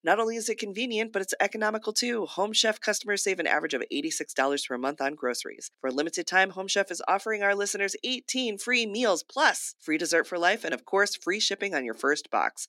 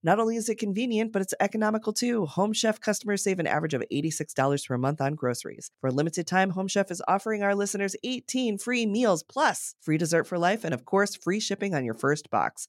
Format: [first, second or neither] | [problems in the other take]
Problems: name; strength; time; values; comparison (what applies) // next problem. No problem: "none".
second | thin; somewhat; fading below 250 Hz